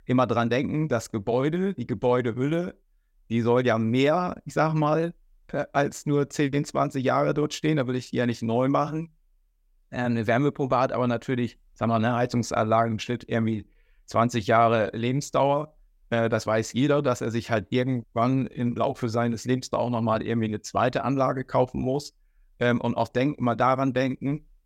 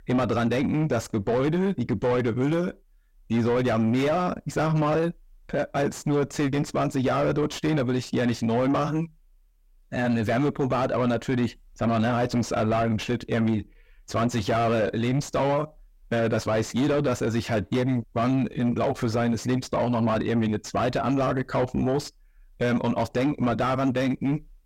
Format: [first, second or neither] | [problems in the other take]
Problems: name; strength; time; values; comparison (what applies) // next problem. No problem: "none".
first | distortion; heavy; 6 dB below the speech